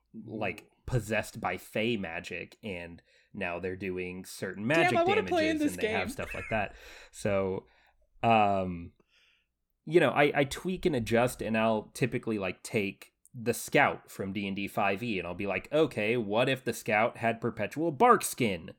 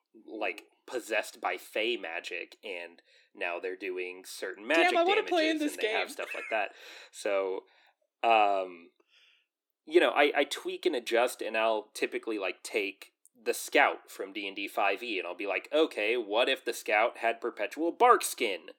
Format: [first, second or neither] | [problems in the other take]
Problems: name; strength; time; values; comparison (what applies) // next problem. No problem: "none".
first | thin; somewhat; fading below 300 Hz